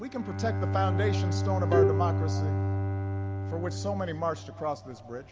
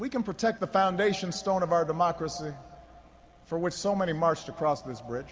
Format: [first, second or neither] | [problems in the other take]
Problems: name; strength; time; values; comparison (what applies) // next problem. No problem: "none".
second | background sound (Bowed string instrument + Bowed string instrument); 5 dB above the speech